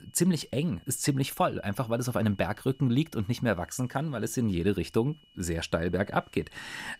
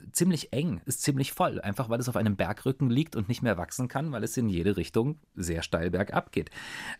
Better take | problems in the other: second | high-pitched whine; faint; throughout; 3 kHz, 30 dB below the speech

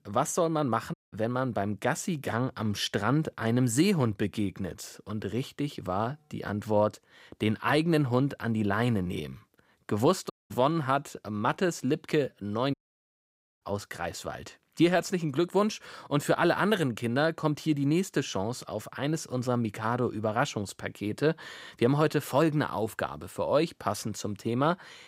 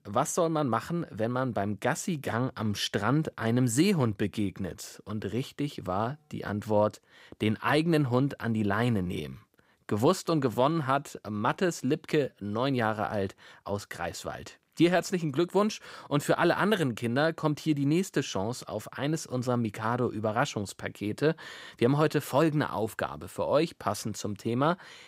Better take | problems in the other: second | audio cutting out; at 1 s, at 10 s and at 13 s for 1 s

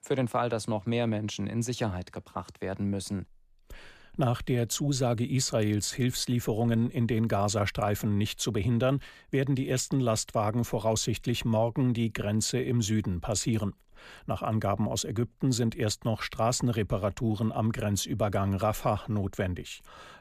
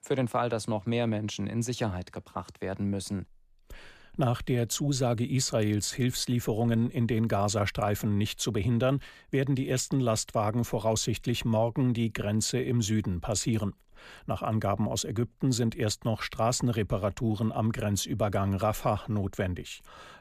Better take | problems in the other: neither | none

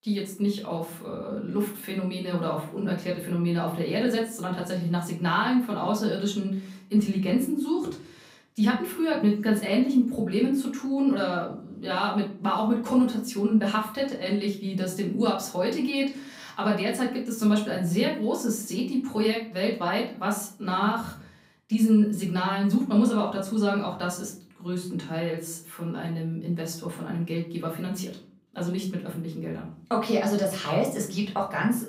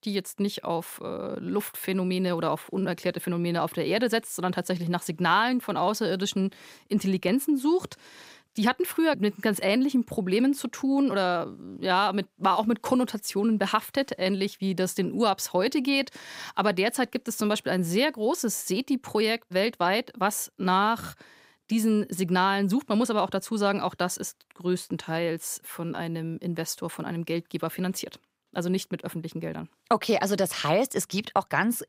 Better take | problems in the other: second | off-mic speech; far // room echo; slight; dies away in 0.5 s

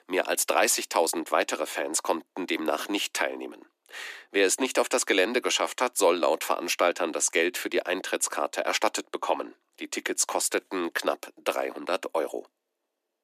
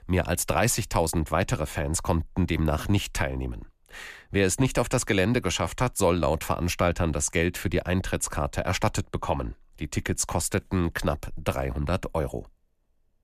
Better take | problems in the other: second | thin; somewhat; fading below 300 Hz

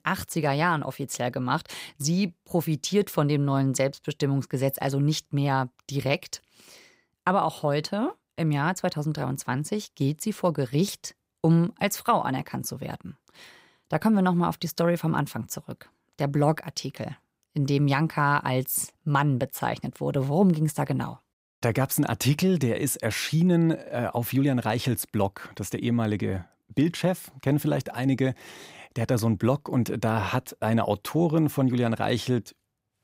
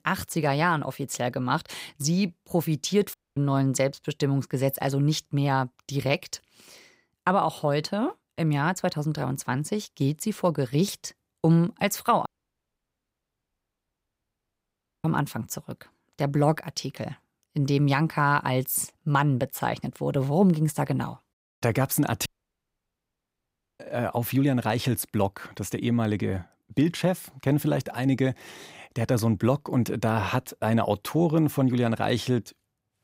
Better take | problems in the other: first | audio cutting out; at 3 s, at 12 s for 3 s and at 22 s for 1.5 s

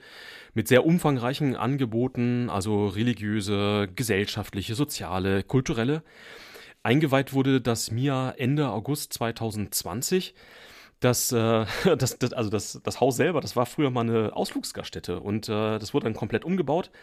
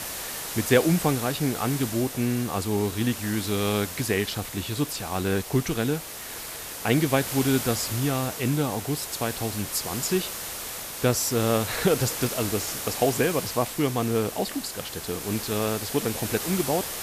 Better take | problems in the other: first | hiss; loud; throughout; 6 dB below the speech

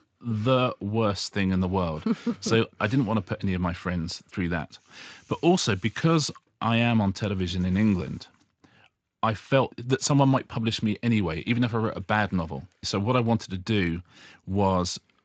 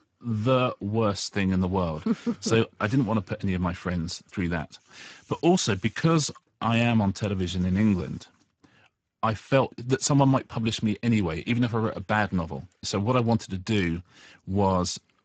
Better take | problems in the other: first | garbled, watery; badly; nothing above 7.5 kHz; slightly in the first

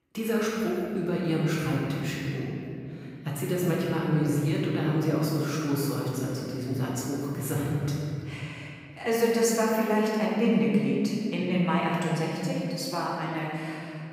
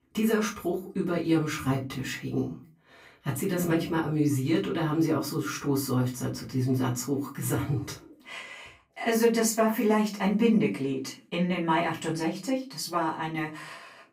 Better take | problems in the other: second | room echo; strong; dies away in 2.5 s; slight in the second // off-mic speech; far; far in the second

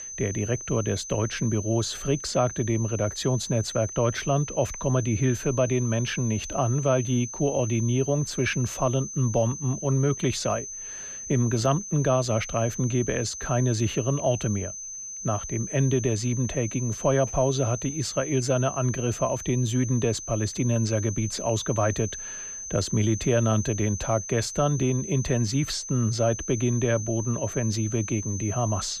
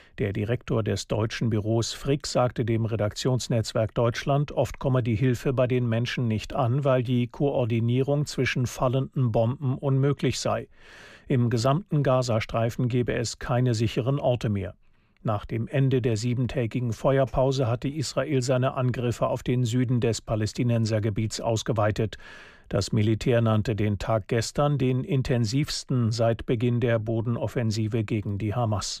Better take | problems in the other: second | high-pitched whine; loud; throughout; 6 kHz, 8 dB below the speech

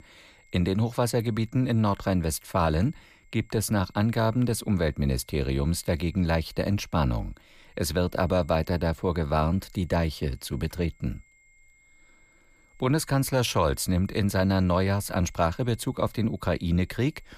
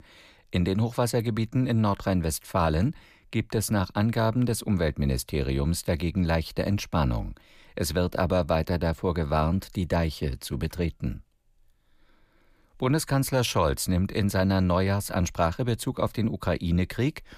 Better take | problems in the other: second | high-pitched whine; faint; throughout; 2 kHz, 35 dB below the speech

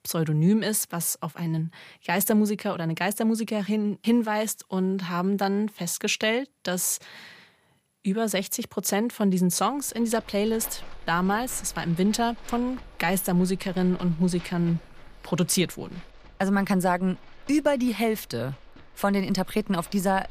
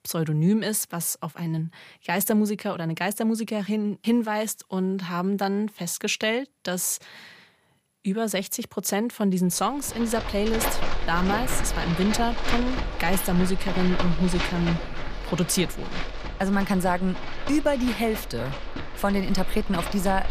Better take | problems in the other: first | animal sounds; loud; from 10 s on; 7 dB below the speech; faint in the first

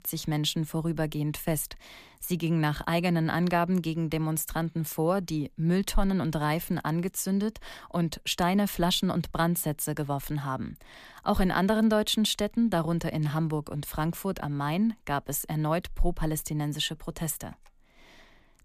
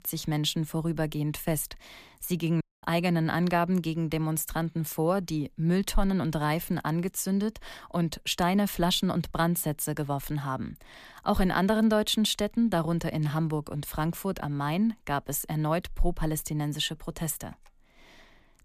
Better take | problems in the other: first | audio cutting out; at 2.5 s

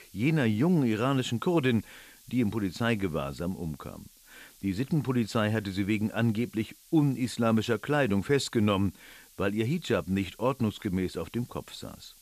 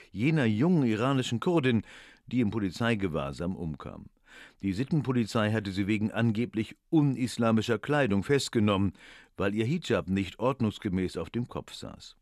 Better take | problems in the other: second | hiss; faint; throughout; 25 dB below the speech

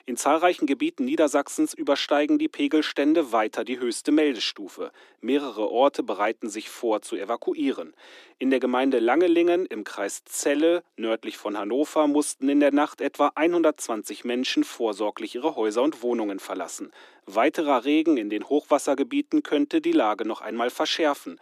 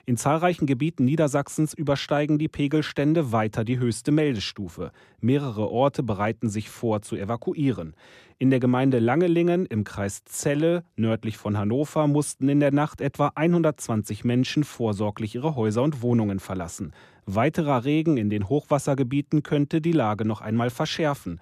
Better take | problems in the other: second | thin; very slightly; fading below 300 Hz

